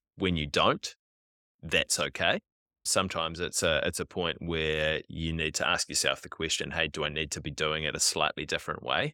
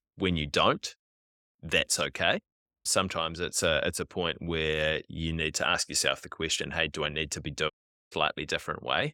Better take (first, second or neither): first